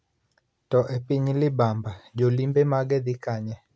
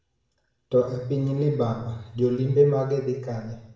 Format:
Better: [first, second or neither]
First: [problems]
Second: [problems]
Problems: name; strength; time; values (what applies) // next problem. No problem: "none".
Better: first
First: none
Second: room echo; dies away in 0.7 s